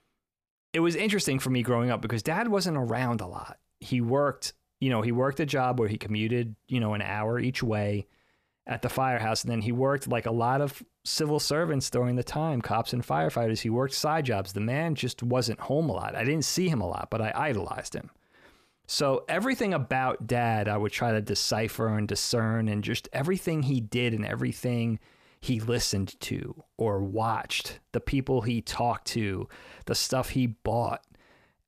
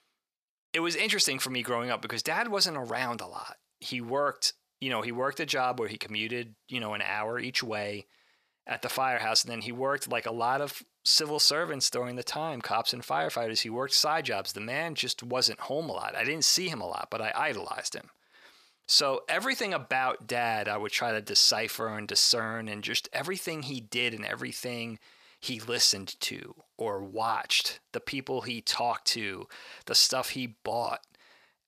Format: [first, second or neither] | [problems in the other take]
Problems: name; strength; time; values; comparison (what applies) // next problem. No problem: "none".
first | thin; somewhat; fading below 950 Hz